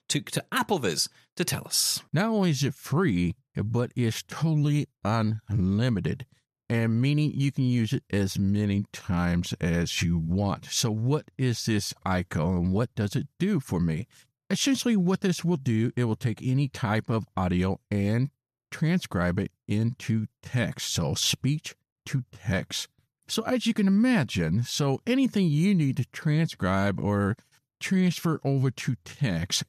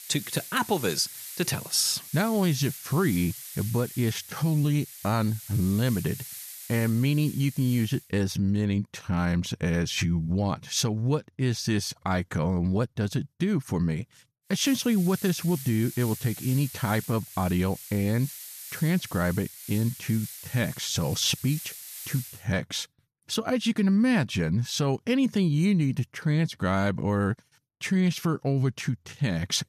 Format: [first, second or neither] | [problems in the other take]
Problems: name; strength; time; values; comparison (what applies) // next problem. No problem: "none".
first | hiss; noticeable; until 8 s and from 15 to 22 s; 10 dB below the speech